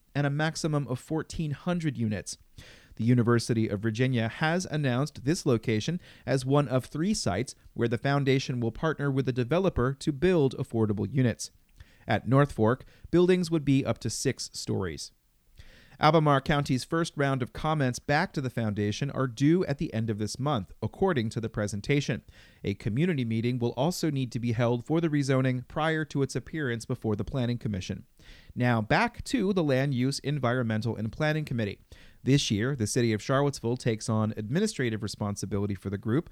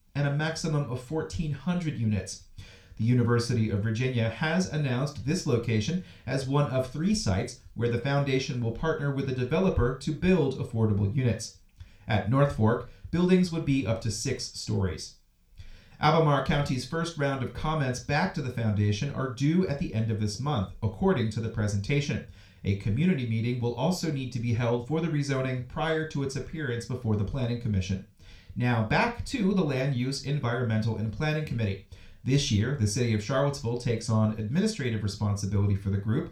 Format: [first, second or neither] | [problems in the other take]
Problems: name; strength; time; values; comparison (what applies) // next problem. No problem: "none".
first | room echo; very slight; dies away in 0.3 s // off-mic speech; somewhat distant